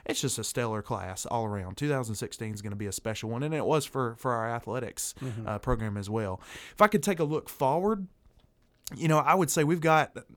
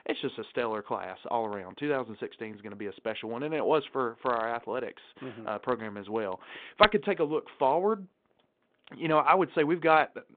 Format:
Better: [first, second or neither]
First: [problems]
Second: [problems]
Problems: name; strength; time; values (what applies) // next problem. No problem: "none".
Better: first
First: none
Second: phone-call audio; nothing above 4 kHz